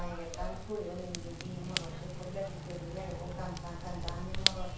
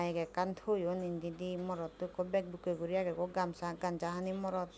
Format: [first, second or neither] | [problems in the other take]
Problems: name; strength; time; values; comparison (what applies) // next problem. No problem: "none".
second | background sound (Fire / Rain); 4 dB above the speech // room echo; dies away in 0.5 s